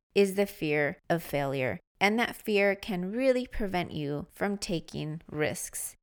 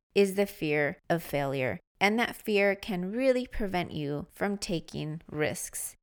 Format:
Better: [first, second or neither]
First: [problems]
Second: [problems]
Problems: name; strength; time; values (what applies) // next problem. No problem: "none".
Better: neither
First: none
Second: none